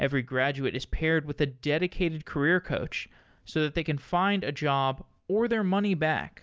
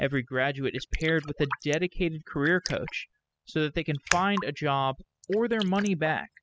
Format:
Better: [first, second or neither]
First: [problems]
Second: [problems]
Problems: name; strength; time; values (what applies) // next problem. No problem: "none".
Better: first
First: none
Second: noise reduction (classical method spectral subtraction)